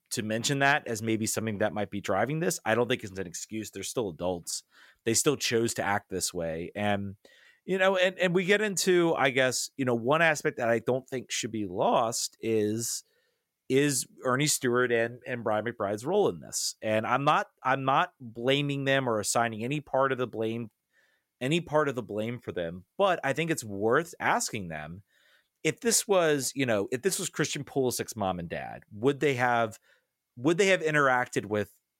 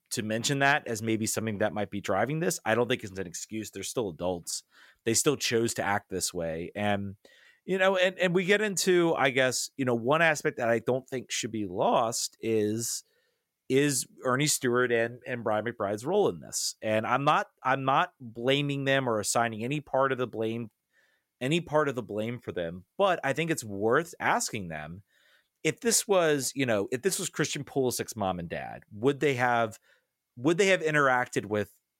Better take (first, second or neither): neither